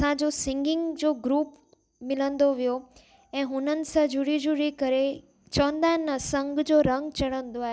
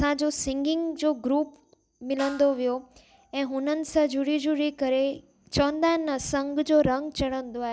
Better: first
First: none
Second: background sound (Snare drum); 20 dB below the speech

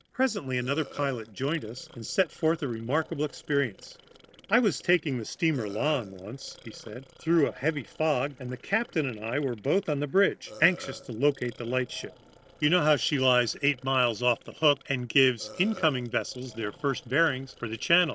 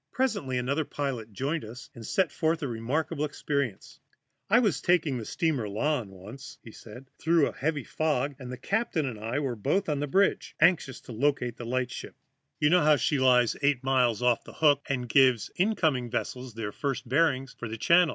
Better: second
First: noise reduction (neural separator model SepFormer DNS4)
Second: none

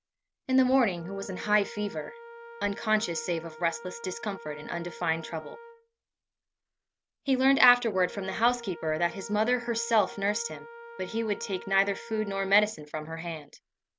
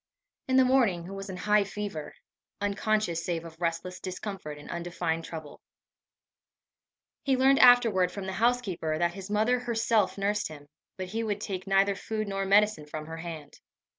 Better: second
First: background sound (Wind instrument, woodwind instrument); 17 dB below the speech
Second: none

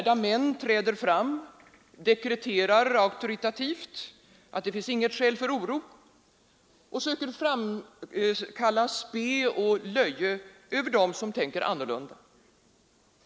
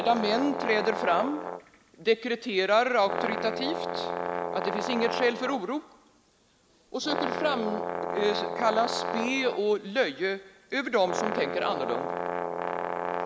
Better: first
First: none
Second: background sound (Brass instrument); 4 dB below the speech

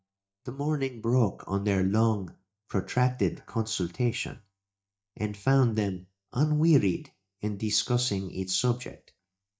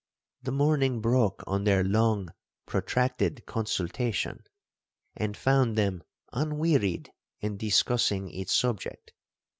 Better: second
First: noise reduction (neural mask model DeepFilterNet 3)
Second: none

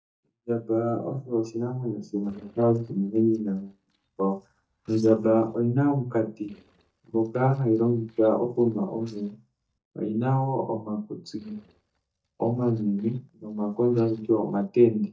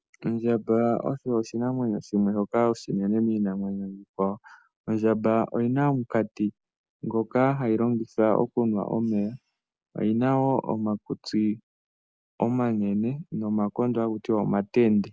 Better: second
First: noise reduction (neural mask model DeepFilterNet 3)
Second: none

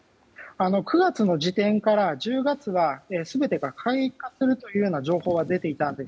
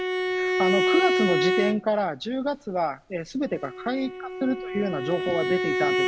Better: first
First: none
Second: background sound (Bowed string instrument); 1 dB above the speech

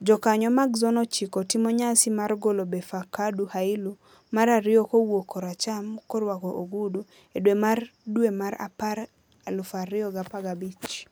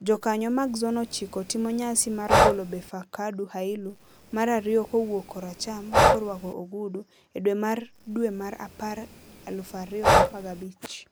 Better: first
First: none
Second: background sound (Breathing); 2 dB above the speech

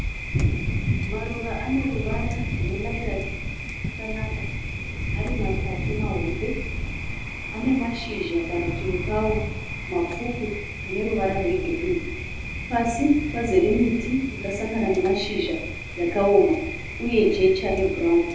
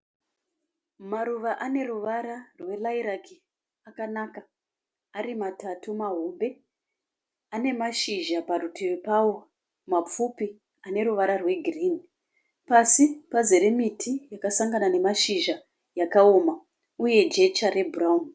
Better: second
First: background sound (Thunder); 4 dB below the speech // room echo; dies away in 0.8 s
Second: none

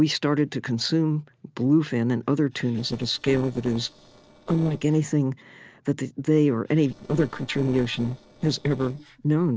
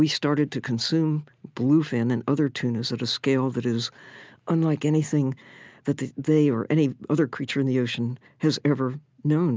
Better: second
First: noise reduction (neural separator model SepFormer DNS4)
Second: none

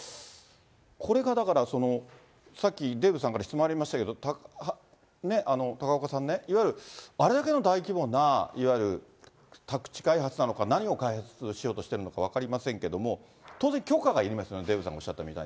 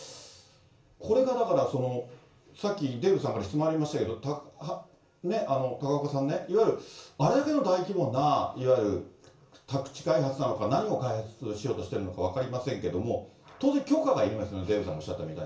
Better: first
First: none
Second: room echo; dies away in 0.3 s

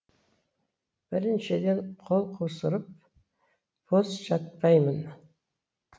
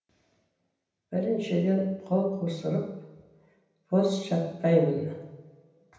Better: first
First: none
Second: room echo; dies away in 0.9 s

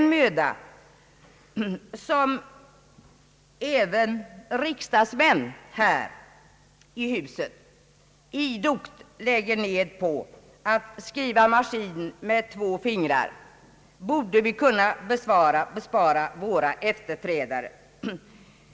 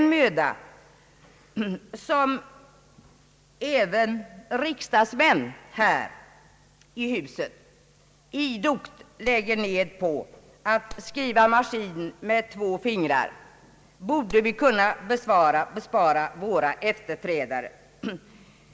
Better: first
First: none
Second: background sound (Clapping); 18 dB below the speech

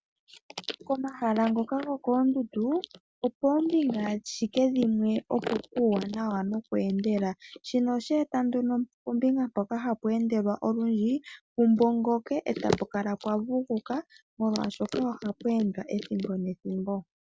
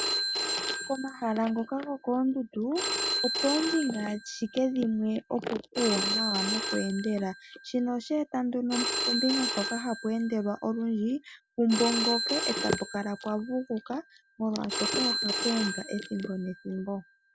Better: first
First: none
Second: background sound (Telephone); 4 dB below the speech

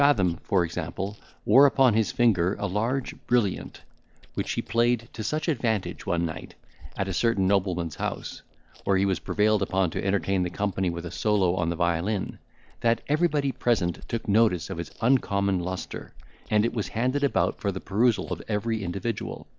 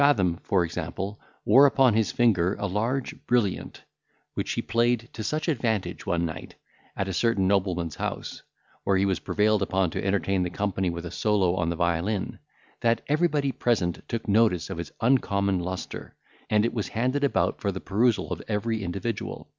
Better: second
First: background sound (Chewing, mastication); 19 dB below the speech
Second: none

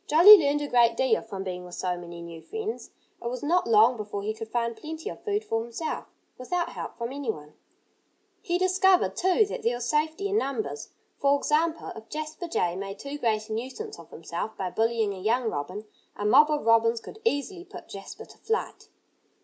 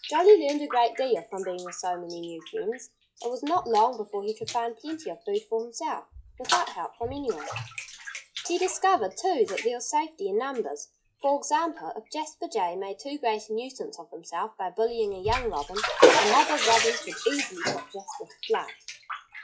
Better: first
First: none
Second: noise reduction (classical method log-MMSE)

